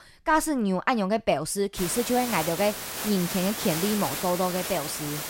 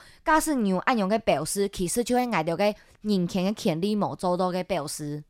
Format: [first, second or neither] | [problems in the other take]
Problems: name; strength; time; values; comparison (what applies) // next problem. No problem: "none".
second | hiss; loud; from 2 s on; 5 dB below the speech